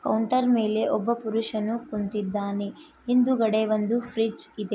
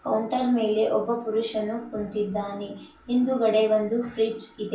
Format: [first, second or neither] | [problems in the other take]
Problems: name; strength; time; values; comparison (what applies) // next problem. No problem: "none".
first | room echo; dies away in 0.3 s